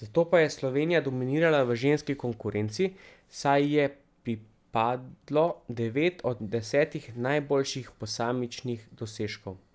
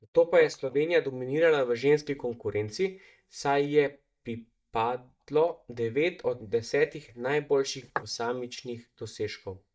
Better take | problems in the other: first | noise reduction (neural mask model DeepFilterNet 3)

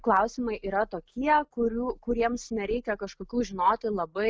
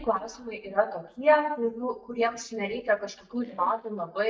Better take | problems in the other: first | noise reduction (neural mask model DeepFilterNet 3)

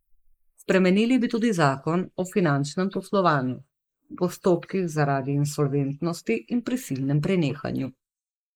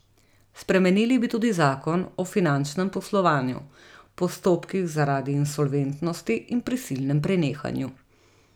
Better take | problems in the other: second | noise reduction (neural mask model Resemble Enhance denoiser)

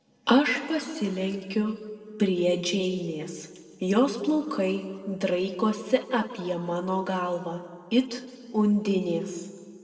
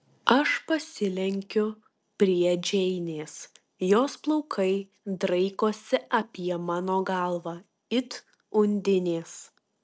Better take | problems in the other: second | room echo; dies away in 1.7 s

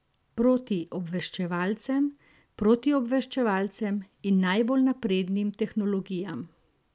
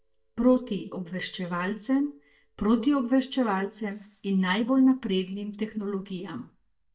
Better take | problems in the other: first | noise reduction (neural mask model DeepFilterNet 3)

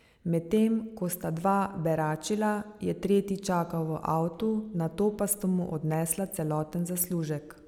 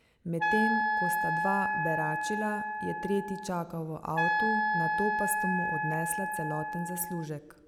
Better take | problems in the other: first | background sound (Wind instrument, woodwind instrument); 3 dB above the speech

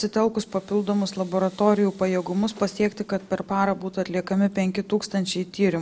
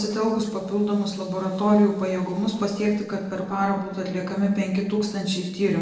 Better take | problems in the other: first | noise reduction (neural separator model SepFormer DNS4)

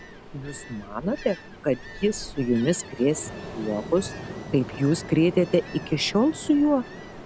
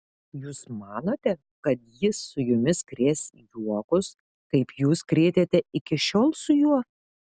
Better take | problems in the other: second | background sound (Ocean); 13 dB below the speech

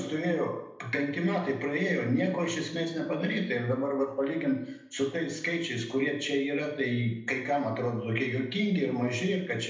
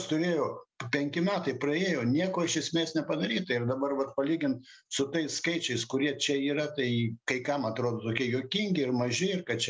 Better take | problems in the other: second | room echo; dies away in 0.7 s

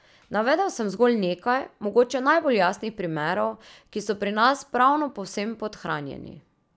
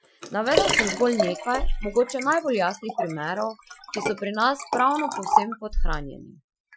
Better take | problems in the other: first | noise reduction (classical method Wiener filter)

